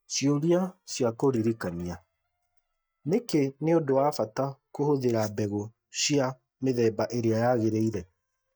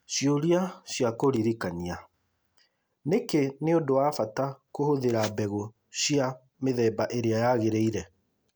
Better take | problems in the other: second | noise reduction (neural mask model DeepFilterNet 3)

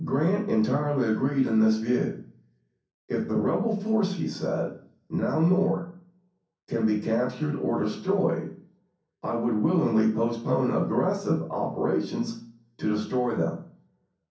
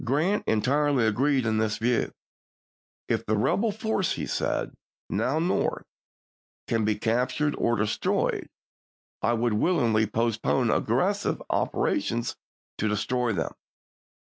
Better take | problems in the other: second | room echo; dies away in 0.6 s

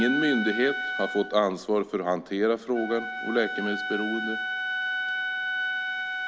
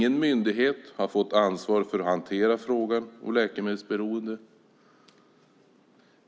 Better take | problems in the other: second | background sound (Wind instrument, woodwind instrument); 3 dB below the speech

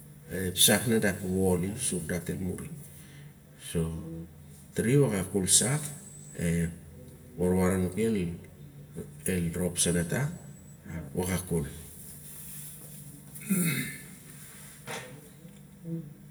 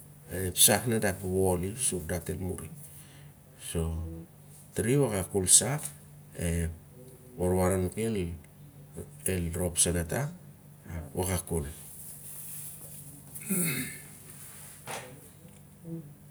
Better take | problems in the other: second | room echo; dies away in 1 s

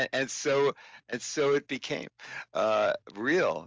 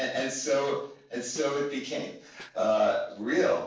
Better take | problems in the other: first | noise reduction (neural separator model SepFormer DNS4)

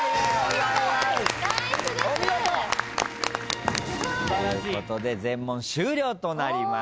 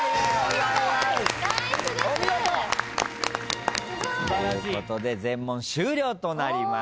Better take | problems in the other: second | background sound (Gunshot, gunfire); 14 dB below the speech

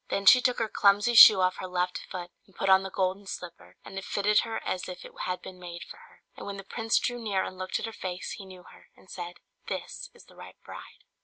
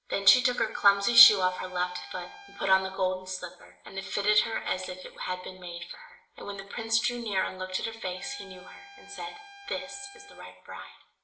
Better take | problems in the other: first | background sound (Trumpet); 19 dB below the speech // room echo; dies away in 0.5 s

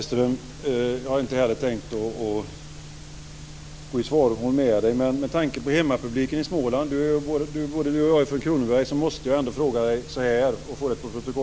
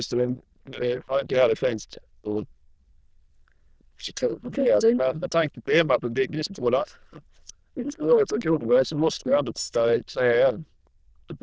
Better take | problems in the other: first | noise reduction (neural diffusion model UNIVERSE++)

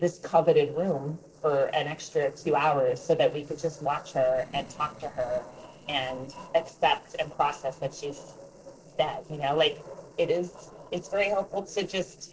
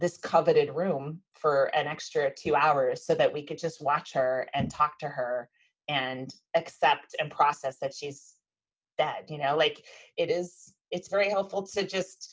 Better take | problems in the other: second | noise reduction (neural separator model SepFormer DNS4)

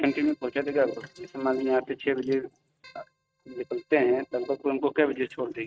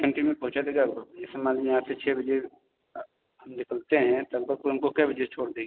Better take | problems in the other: second | noise reduction (neural mask model RNNoise)

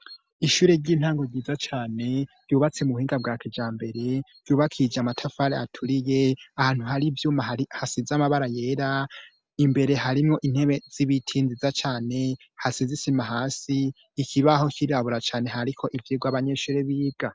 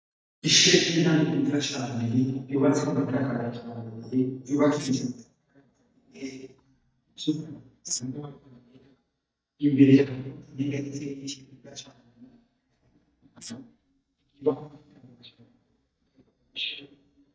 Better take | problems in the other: first | noise reduction (neural mask model DeepFilterNet 3)

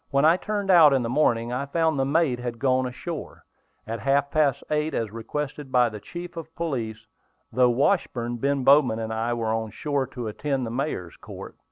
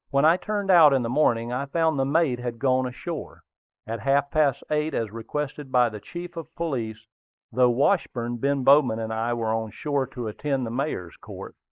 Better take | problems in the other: first | noise reduction (neural mask model Resemble Enhance denoiser)

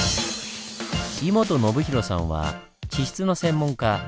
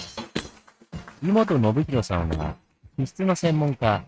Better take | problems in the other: first | noise reduction (neural mask model RNNoise)

